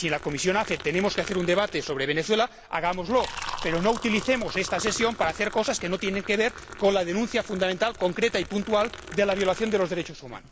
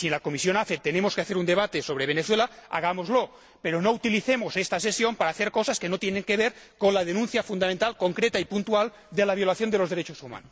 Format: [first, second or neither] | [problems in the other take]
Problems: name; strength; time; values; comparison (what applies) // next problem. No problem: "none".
second | background sound (Liquid); 13 dB below the speech